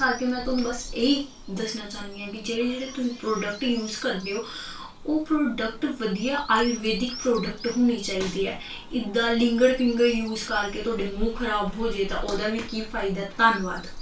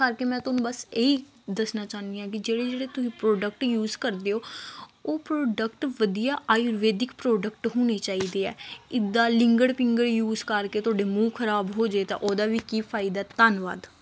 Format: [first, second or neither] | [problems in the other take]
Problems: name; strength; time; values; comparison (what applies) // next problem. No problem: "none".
second | background sound (Bird vocalization, bird call, bird song); 12 dB below the speech // room echo; dies away in 0.2 s